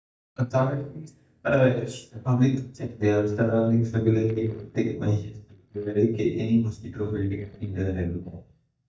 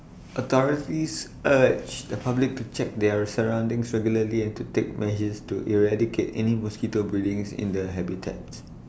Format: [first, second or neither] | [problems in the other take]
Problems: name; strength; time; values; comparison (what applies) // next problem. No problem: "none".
second | noise reduction (neural mask model DeepFilterNet 3)